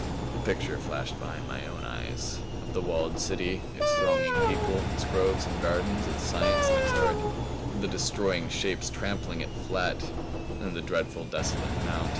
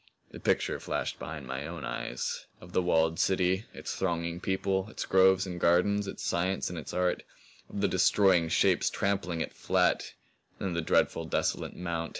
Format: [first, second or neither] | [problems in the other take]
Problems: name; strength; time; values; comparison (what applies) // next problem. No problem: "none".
second | background sound (Engine + Wind instrument, woodwind instrument); 3 dB above the speech